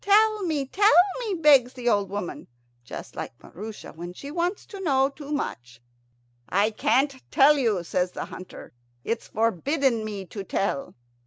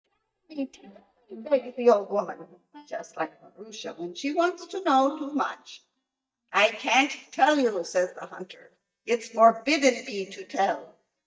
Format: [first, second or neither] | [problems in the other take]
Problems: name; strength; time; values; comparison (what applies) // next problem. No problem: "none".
first | noise reduction (neural mask model DeepFilterNet 3)